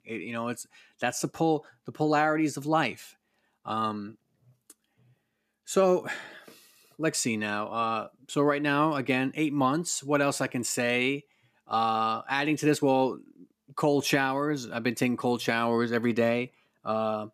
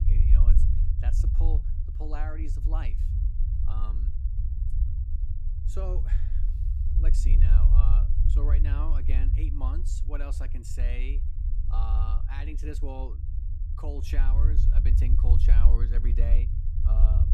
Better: first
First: none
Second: low rumble; loud; throughout; 3 dB below the speech

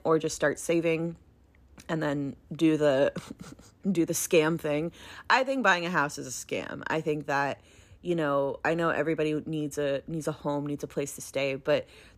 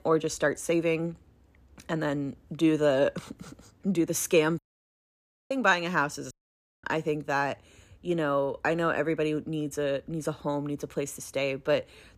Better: first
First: none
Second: audio cutting out; at 4.5 s for 1 s and at 6.5 s for 0.5 s

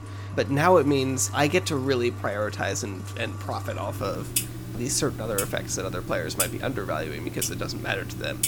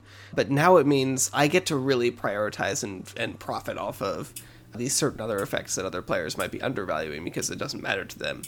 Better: second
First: household noises; loud; throughout; 6 dB below the speech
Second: household noises; faint; throughout; 25 dB below the speech

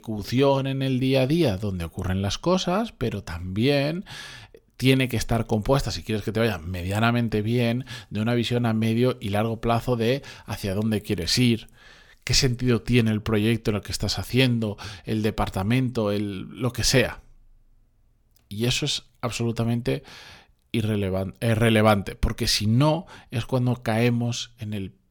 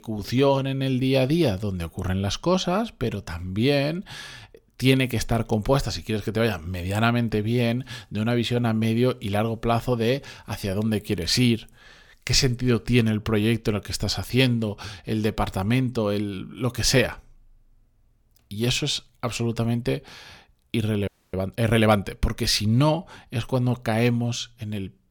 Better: first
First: none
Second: audio freezing; at 21 s

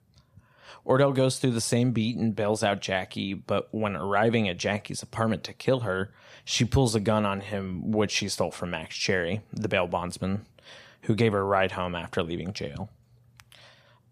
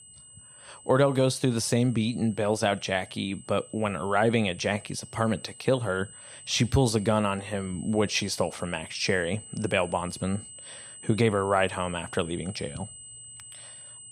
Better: first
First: none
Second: high-pitched whine; noticeable; throughout; 8 kHz, 15 dB below the speech

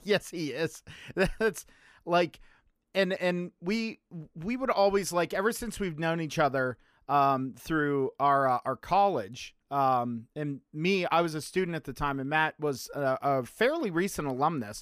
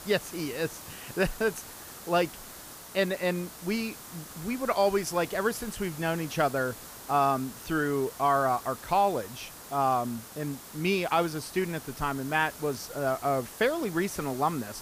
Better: first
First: none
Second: hiss; noticeable; throughout; 15 dB below the speech

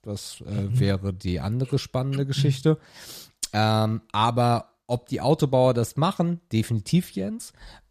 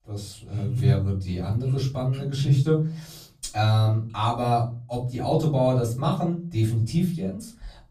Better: first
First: none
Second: off-mic speech; far // room echo; slight; dies away in 0.4 s

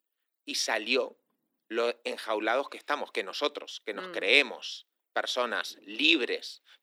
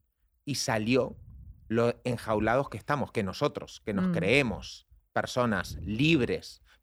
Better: second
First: thin; somewhat; fading below 300 Hz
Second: none

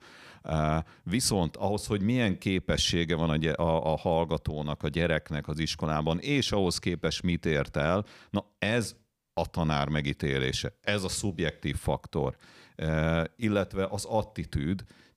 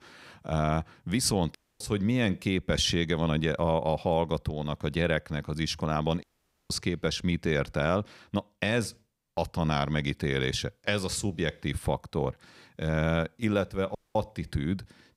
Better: first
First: none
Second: audio cutting out; at 1.5 s, at 6 s and at 14 s

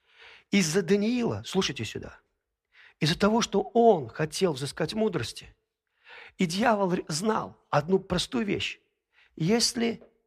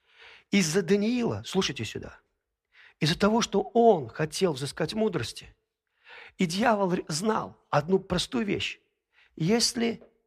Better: neither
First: none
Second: none

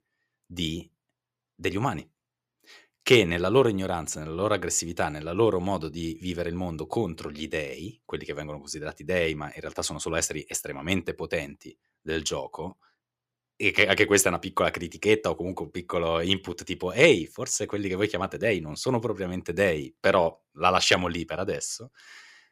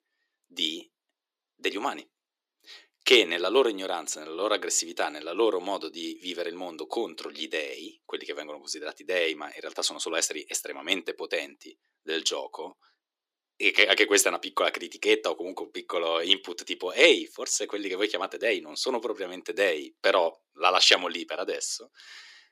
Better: first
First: none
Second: thin; somewhat; fading below 300 Hz

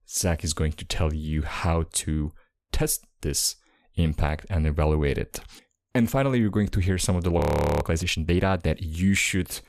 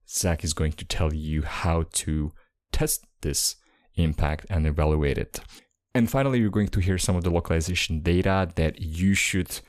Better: second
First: audio freezing; at 7.5 s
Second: none

